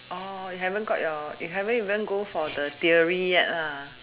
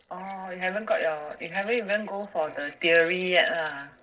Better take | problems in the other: first | noise reduction (neural separator model SepFormer DNS4)

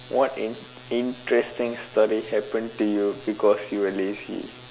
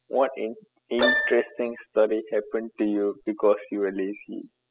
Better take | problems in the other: first | noise reduction (classical method spectral subtraction)

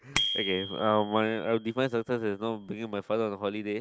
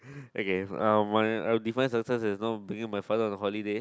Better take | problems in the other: second | noise reduction (neural mask model RNNoise)

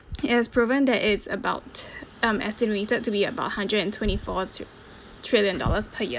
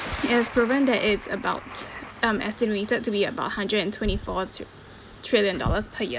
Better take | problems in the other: first | background sound (Thunder); 15 dB below the speech

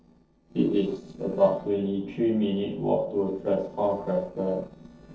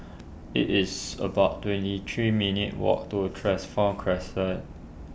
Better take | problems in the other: second | noise reduction (neural separator model SepFormer DNS4)

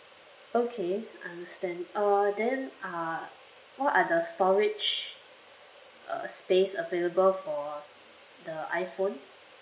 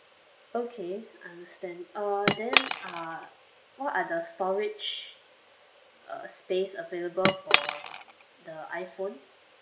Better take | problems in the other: first | background sound (Cutlery, silverware / Chink, clink); 3 dB above the speech

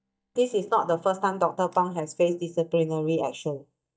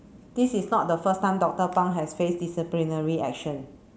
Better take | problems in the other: second | noise reduction (neural mask model DeepFilterNet 3)

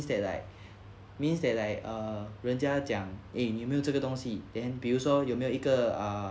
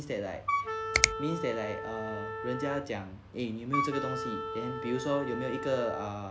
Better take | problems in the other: first | background sound (Finger snapping + Wind instrument, woodwind instrument); as loud as the speech

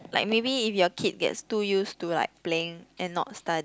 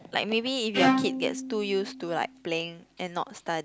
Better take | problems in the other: first | background sound (Bowed string instrument); 1 dB below the speech

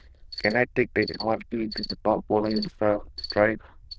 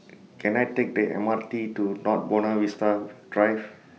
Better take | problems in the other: second | noise reduction (neural diffusion model UNIVERSE++)

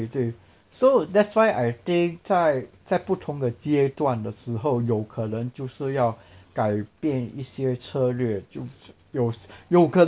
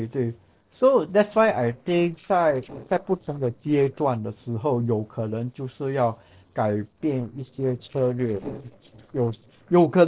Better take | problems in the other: first | noise reduction (neural separator model SepFormer DNS4)

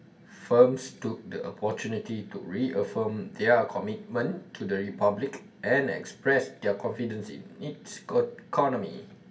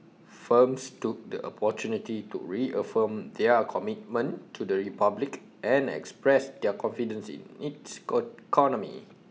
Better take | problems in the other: second | room echo; dies away in 0.2 s

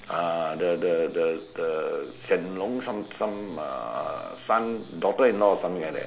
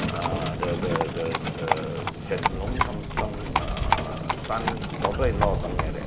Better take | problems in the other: first | background sound (Livestock, farm animals, working animals); 4 dB above the speech

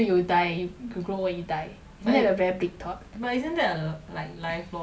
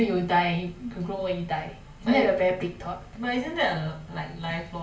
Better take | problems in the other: first | room echo; dies away in 0.4 s

